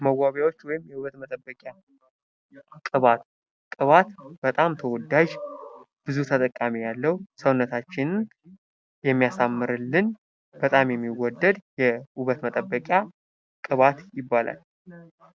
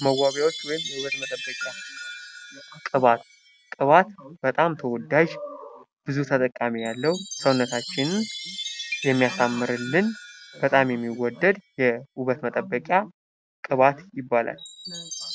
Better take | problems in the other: first | background sound (Chime); 13 dB below the speech

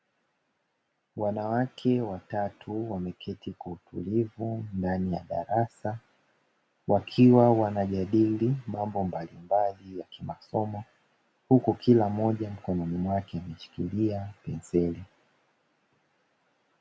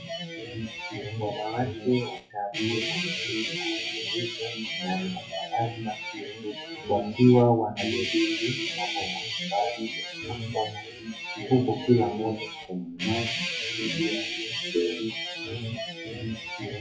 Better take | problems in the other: first | noise reduction (classical method WPE with log-MMSE)

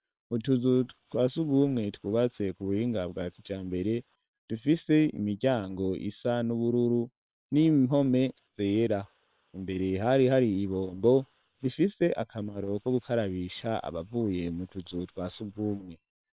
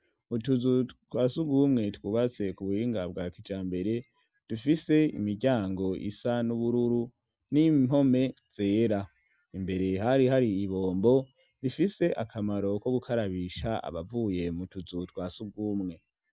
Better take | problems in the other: second | noise reduction (neural separator model SepFormer WHAM!)

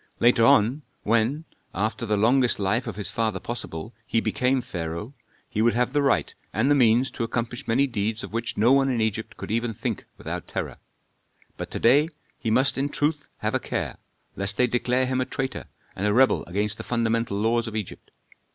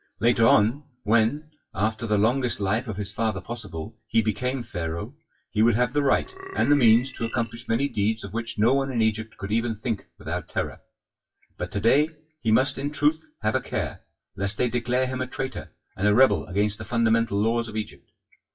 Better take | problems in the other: first | noise reduction (classical method WPE with log-MMSE)

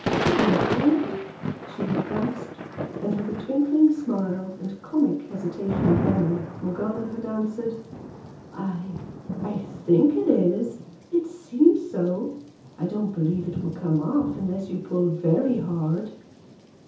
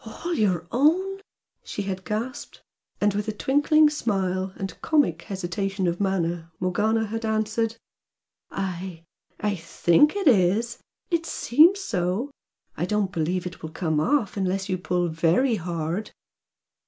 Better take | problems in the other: second | background sound (Thunder / Rain); 7 dB below the speech // room echo; dies away in 0.6 s

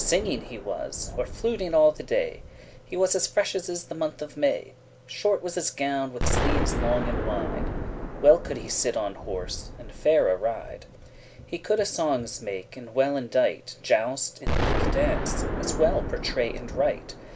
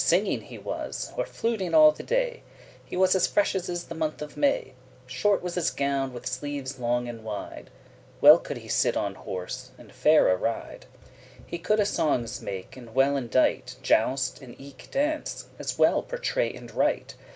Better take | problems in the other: second | background sound (Explosion); 5 dB below the speech

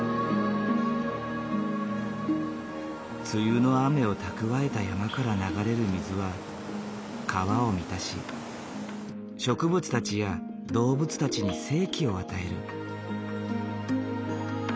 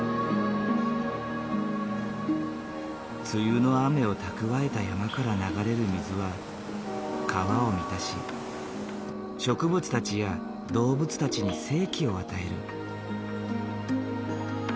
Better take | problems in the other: first | background sound (Train); 13 dB below the speech

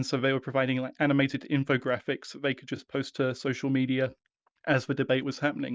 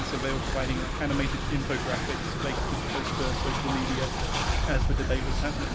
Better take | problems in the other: first | background sound (Train); 5 dB above the speech

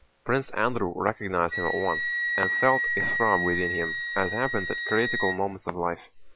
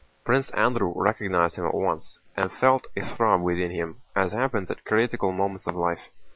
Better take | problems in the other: second | background sound (Wind instrument, woodwind instrument); 3 dB below the speech

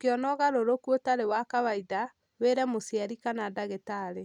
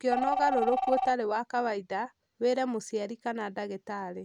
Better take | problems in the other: first | background sound (Telephone); 4 dB below the speech

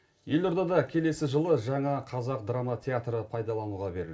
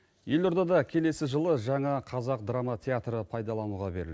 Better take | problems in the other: second | room echo; dies away in 0.3 s

